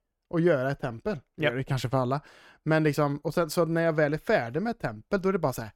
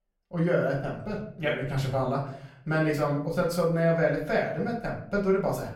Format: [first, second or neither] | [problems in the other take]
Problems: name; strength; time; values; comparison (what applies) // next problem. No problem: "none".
first | room echo; slight; dies away in 0.5 s // off-mic speech; far